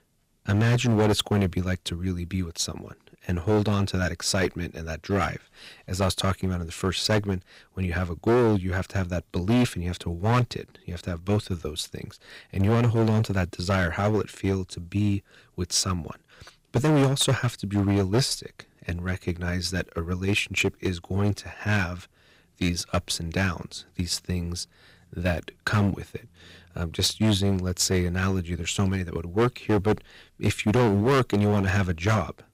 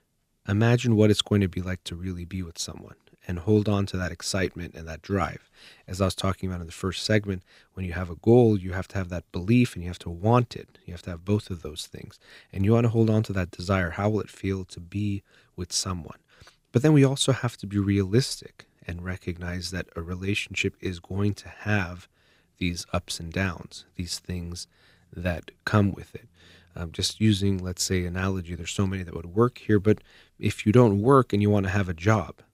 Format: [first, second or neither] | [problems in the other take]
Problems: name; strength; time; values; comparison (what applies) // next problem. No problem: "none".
second | distortion; heavy; 7% of the sound clipped